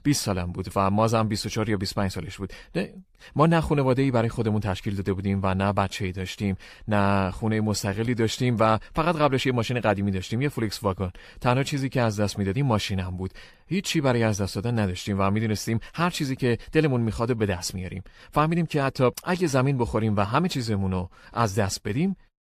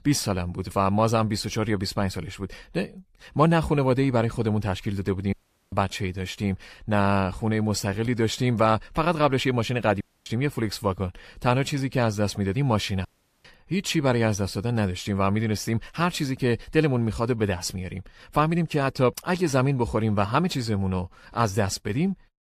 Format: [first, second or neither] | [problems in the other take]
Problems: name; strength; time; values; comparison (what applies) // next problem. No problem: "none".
first | audio cutting out; at 5.5 s, at 10 s and at 13 s